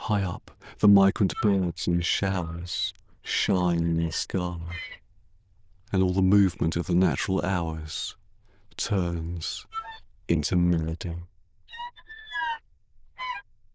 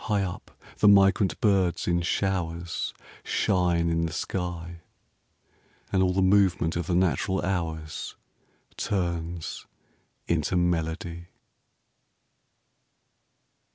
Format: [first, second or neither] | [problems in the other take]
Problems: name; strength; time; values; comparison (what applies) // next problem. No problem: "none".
second | noise reduction (neural diffusion model UNIVERSE++)